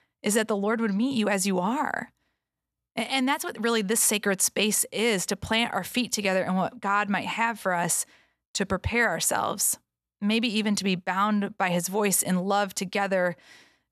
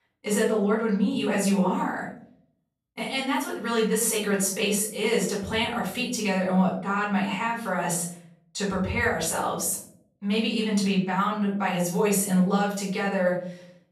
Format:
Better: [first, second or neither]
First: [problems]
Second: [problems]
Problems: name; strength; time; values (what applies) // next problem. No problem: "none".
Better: first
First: none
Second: off-mic speech; far // room echo; noticeable; dies away in 0.6 s